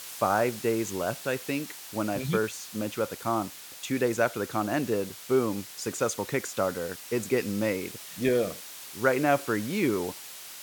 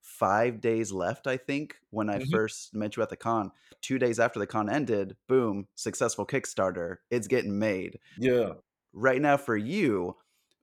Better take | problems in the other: second | hiss; noticeable; throughout; 10 dB below the speech

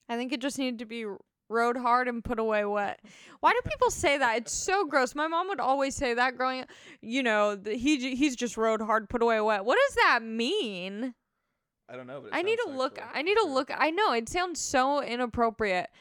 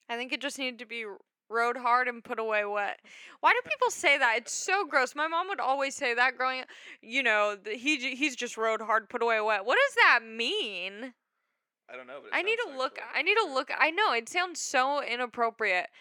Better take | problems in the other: first | thin; somewhat; fading below 350 Hz

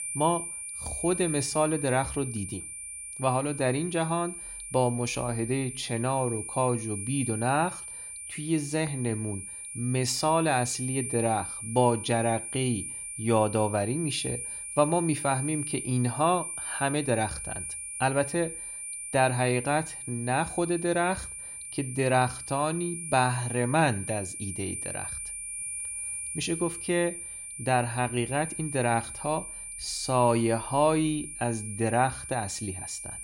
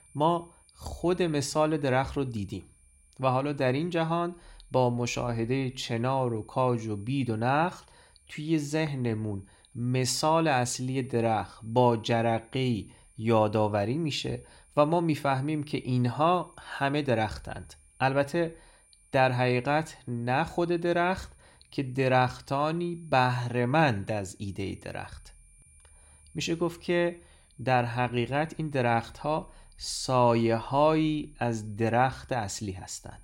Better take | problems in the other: second | high-pitched whine; loud; throughout; 9 kHz, 7 dB below the speech; faint in the second

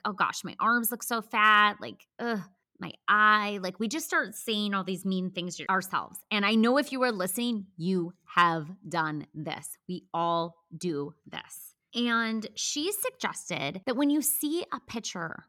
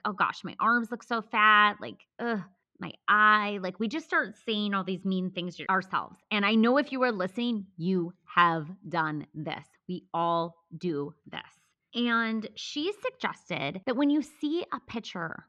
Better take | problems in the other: first | muffled; slightly; fading above 3.5 kHz

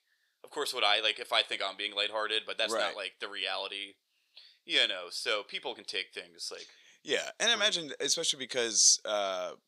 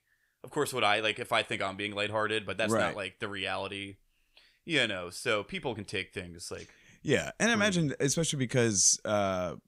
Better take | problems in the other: second | thin; somewhat; fading below 500 Hz

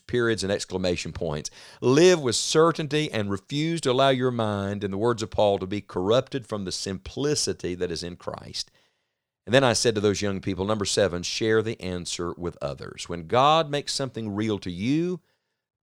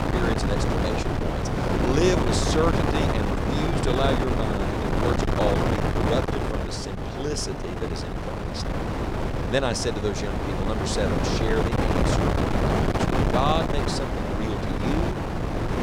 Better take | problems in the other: first | wind noise on the microphone; heavy; 2 dB above the speech

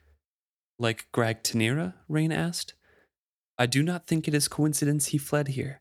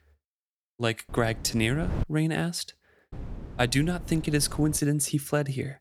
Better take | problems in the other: first | wind noise on the microphone; occasional gusts; at 1 s and from 3 to 5 s; 20 dB below the speech

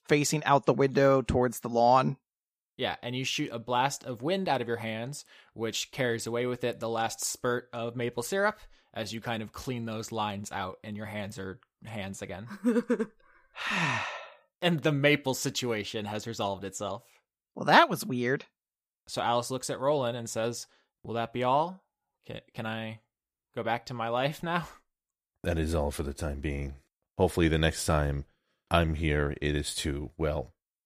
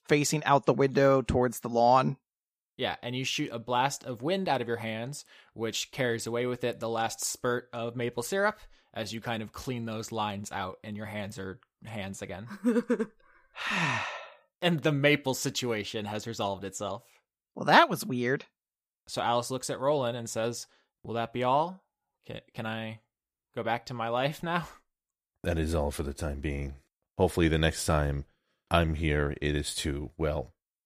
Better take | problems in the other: neither | none

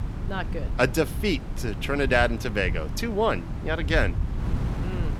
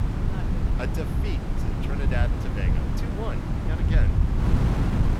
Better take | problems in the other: first | wind noise on the microphone; heavy; 2 dB above the speech; occasional gusts in the first

